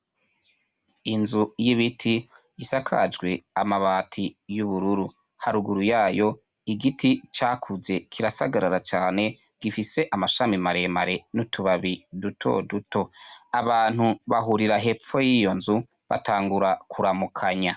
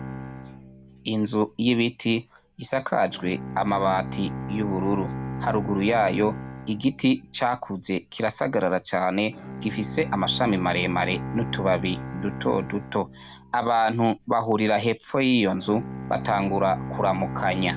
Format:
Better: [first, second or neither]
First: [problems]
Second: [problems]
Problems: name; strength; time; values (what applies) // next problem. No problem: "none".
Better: first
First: none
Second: background sound (Bowed string instrument); 10 dB below the speech